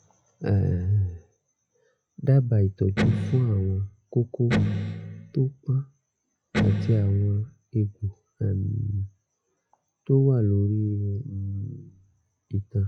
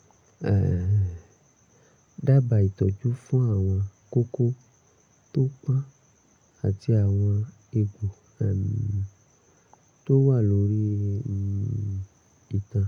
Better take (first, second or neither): second